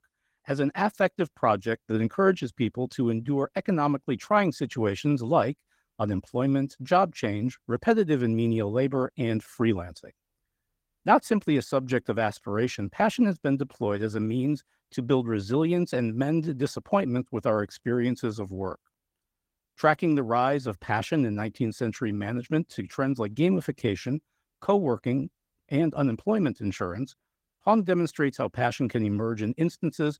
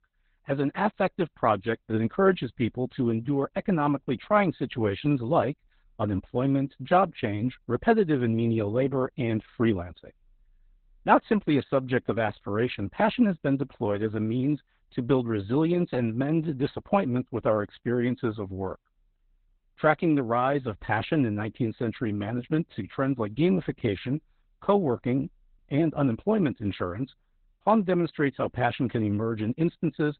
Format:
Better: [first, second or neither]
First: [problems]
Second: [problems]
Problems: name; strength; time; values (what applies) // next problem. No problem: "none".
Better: first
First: garbled, watery; slightly; nothing above 16 kHz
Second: garbled, watery; badly; nothing above 4 kHz